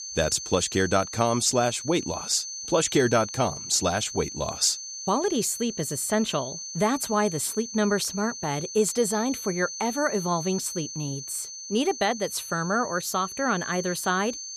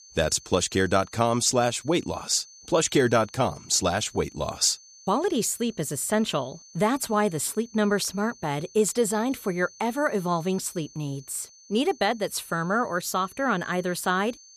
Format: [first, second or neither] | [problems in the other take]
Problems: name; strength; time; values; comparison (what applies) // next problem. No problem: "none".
second | high-pitched whine; loud; throughout; 6 kHz, 8 dB below the speech; faint in the second